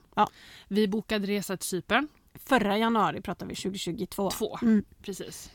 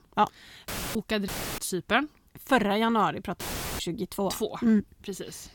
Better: first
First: none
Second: audio cutting out; filled with static; at 0.5 s, at 1.5 s and at 3.5 s

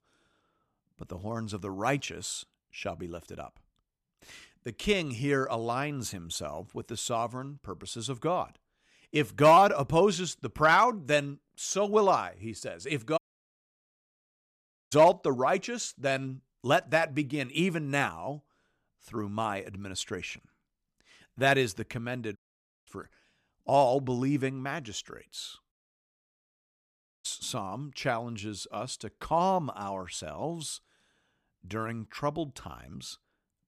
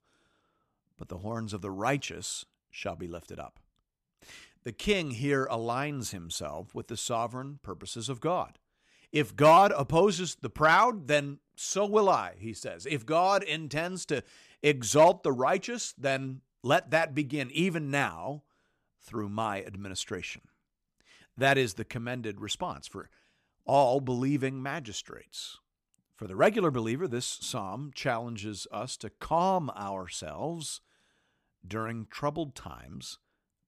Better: second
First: audio cutting out; at 13 s for 1.5 s, at 22 s for 0.5 s and at 26 s for 1.5 s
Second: none

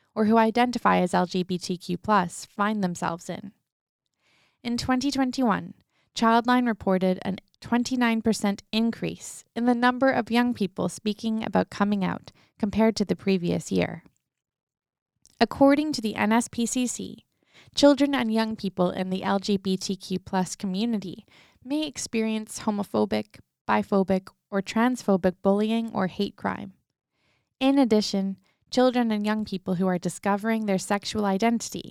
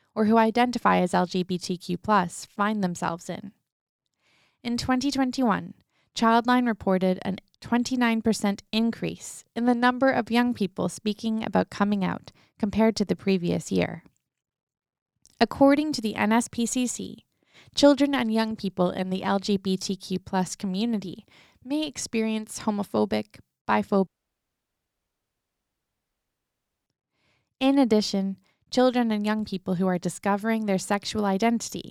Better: first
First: none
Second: audio cutting out; at 24 s for 3 s

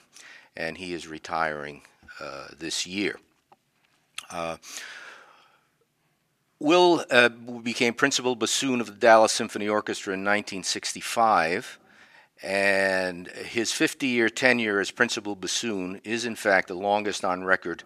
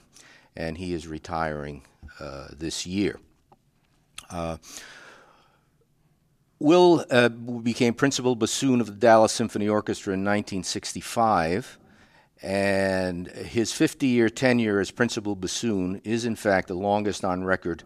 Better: second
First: thin; very slightly; fading below 900 Hz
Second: none

